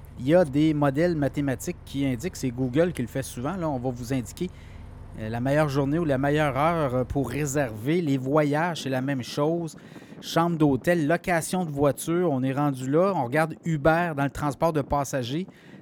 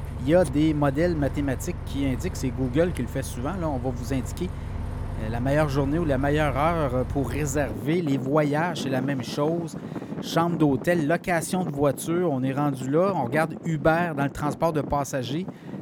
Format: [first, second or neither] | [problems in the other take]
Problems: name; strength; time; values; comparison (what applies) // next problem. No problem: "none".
first | traffic noise; loud; throughout; 9 dB below the speech; faint in the first